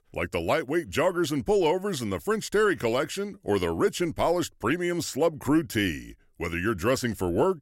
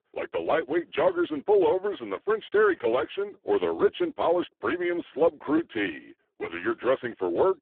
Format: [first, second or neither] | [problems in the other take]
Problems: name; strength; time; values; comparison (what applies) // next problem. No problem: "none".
first | phone-call audio; poor line